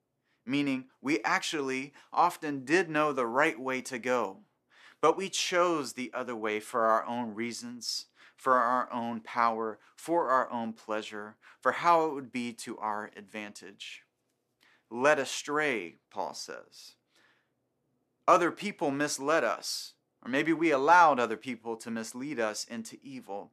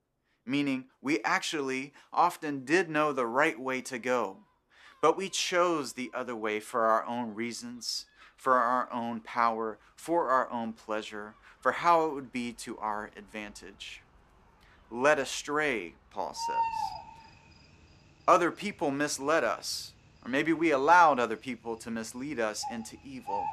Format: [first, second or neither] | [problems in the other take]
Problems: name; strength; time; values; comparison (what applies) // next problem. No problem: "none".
first | animal sounds; loud; throughout; 8 dB below the speech